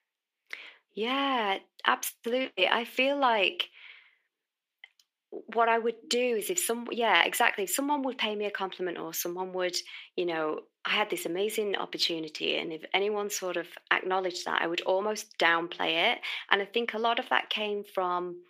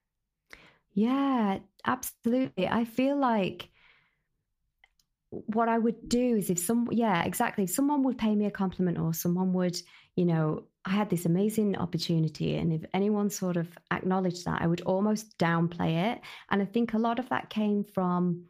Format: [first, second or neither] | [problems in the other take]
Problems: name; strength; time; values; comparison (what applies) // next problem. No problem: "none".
second | thin; very; fading below 350 Hz